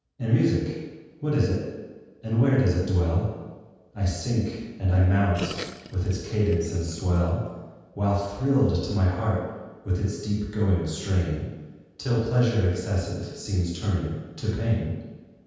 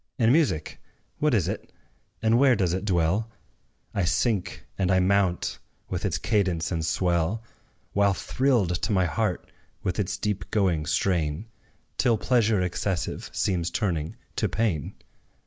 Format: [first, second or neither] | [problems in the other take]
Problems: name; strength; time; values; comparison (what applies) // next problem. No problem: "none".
second | background sound (Gurgling); 14 dB below the speech // room echo; dies away in 1.2 s